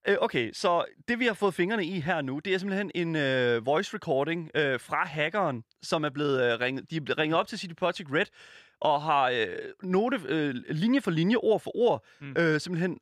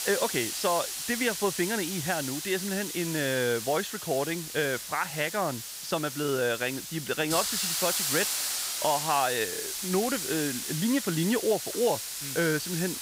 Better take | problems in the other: first | hiss; loud; throughout; 2 dB below the speech

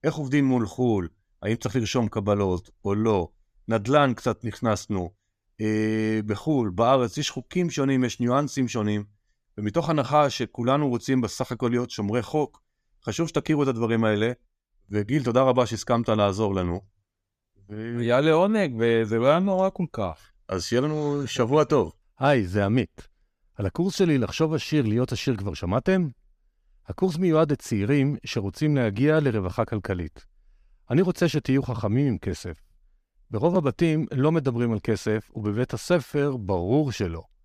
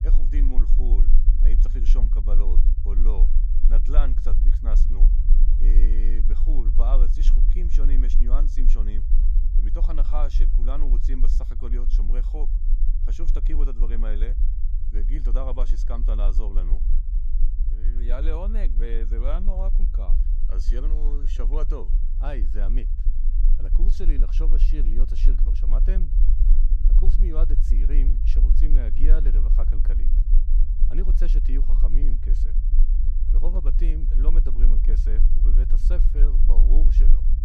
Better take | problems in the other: first | low rumble; loud; throughout; 7 dB below the speech

